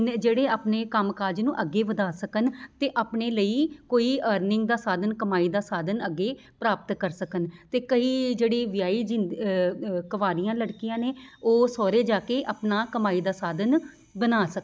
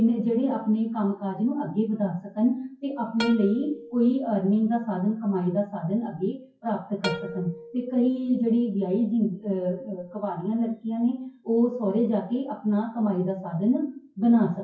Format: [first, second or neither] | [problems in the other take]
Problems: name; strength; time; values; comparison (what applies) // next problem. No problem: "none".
first | noise reduction (classical method WPE with log-MMSE)